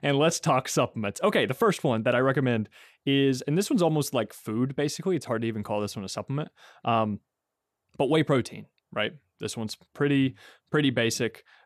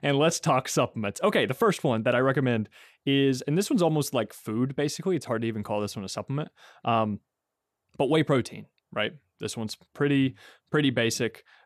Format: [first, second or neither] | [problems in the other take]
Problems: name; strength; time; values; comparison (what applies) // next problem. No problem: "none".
neither | none